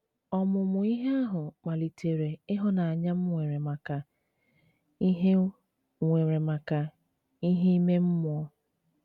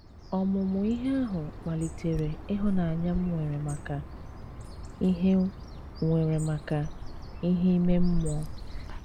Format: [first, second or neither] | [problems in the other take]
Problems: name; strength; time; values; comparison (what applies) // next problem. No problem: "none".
first | background sound (Bird); 7 dB below the speech